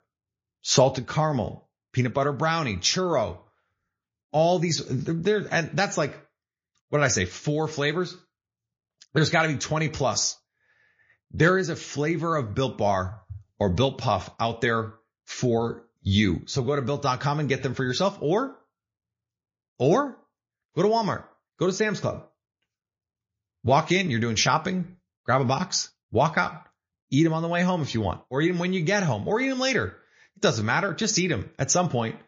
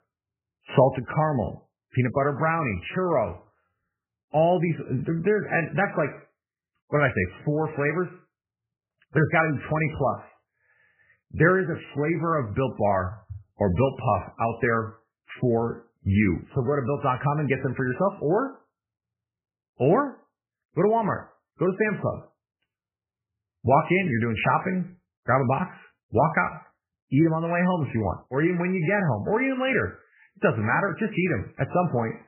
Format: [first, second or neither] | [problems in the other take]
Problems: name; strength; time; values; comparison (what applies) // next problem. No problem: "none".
first | garbled, watery; badly; nothing above 3 kHz; slightly in the first